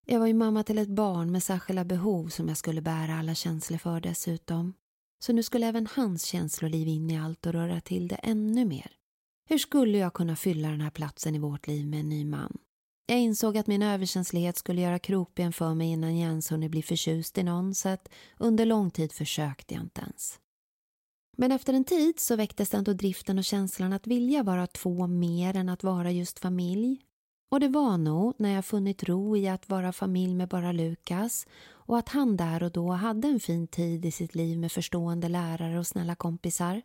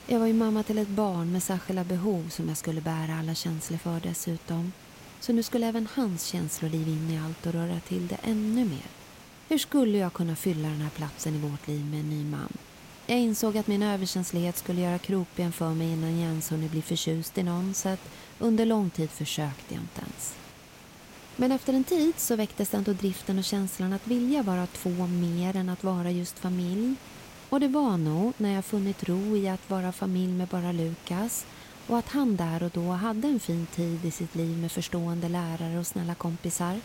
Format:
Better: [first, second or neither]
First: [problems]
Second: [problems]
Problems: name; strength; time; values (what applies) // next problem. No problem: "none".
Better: first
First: none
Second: hiss; noticeable; throughout; 20 dB below the speech